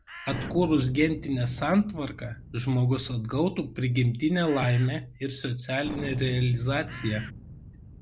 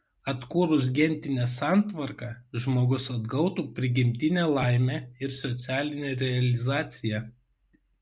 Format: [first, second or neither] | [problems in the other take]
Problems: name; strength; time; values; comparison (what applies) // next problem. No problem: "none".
second | background sound (Bird + Thunder); 14 dB below the speech